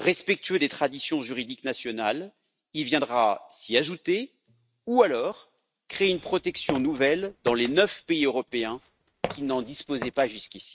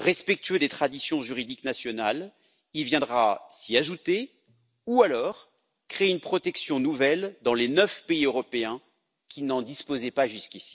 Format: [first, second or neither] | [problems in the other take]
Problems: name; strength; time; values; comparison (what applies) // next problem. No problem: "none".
second | noise reduction (neural mask model RNNoise)